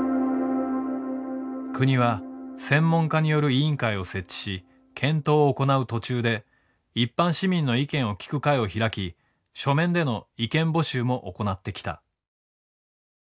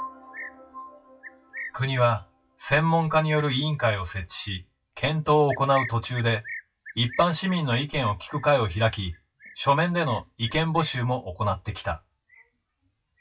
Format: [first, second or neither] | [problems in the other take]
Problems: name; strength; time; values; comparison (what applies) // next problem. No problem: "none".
first | noise reduction (classical method WPE with log-MMSE)